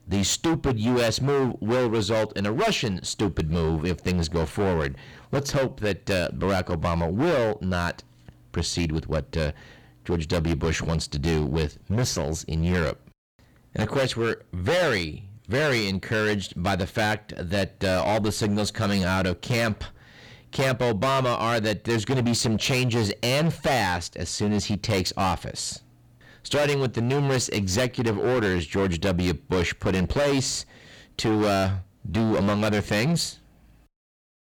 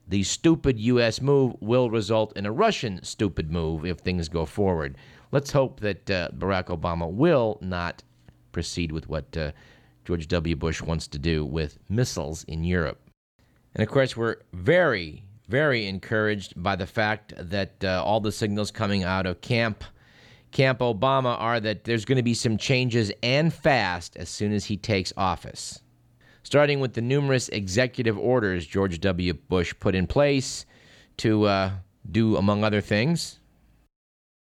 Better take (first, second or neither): second